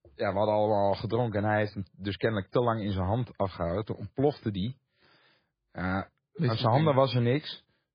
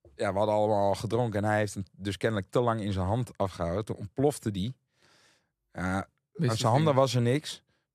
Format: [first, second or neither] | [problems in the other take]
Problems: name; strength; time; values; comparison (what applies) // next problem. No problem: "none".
second | garbled, watery; badly; nothing above 5 kHz